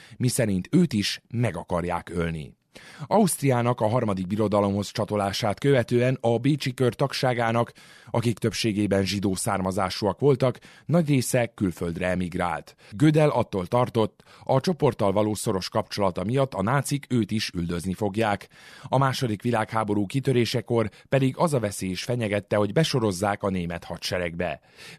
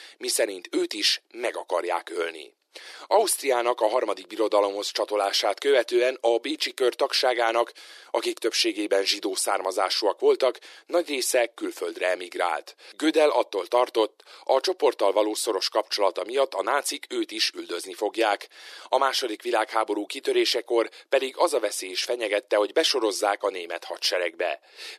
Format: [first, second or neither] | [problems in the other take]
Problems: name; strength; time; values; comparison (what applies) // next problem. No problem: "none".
first | thin; very; fading below 350 Hz